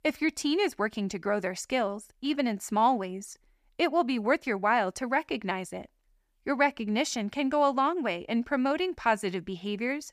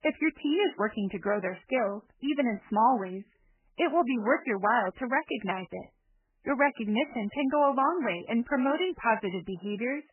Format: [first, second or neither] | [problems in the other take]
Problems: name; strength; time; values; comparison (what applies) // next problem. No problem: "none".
first | garbled, watery; badly; nothing above 3 kHz